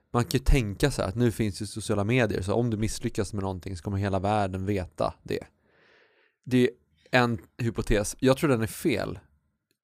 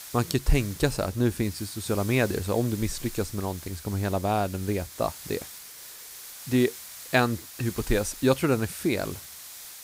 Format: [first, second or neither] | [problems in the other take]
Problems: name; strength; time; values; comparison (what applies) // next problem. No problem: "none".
first | hiss; noticeable; throughout; 15 dB below the speech